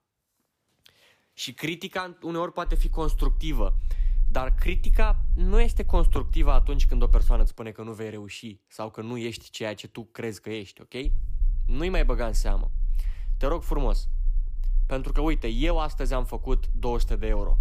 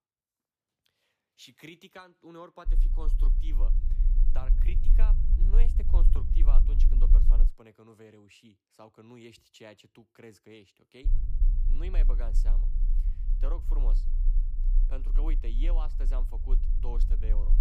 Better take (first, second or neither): first